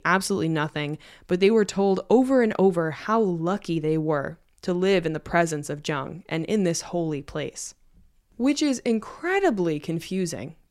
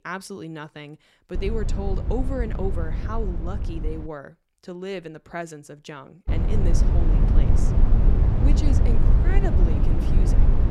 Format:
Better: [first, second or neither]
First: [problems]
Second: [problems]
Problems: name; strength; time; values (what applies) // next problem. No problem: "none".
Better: first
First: none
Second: low rumble; loud; from 1.5 to 4 s and from 6.5 s on; 1 dB below the speech